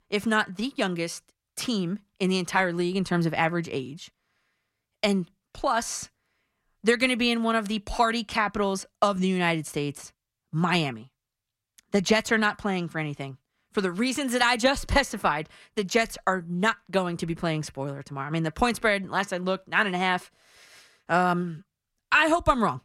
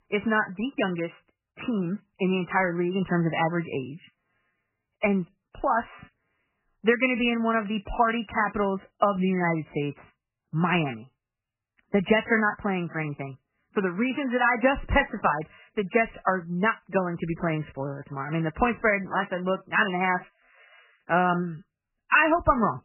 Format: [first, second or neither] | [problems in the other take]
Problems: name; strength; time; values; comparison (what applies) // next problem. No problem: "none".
first | garbled, watery; badly; nothing above 3 kHz